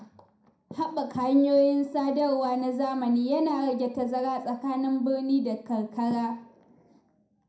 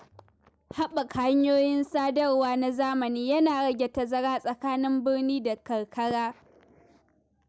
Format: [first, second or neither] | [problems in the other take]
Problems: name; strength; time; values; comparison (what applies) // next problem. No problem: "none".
second | room echo; dies away in 0.4 s